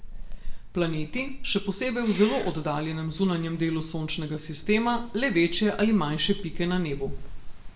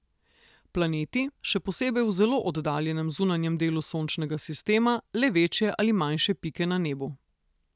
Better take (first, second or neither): second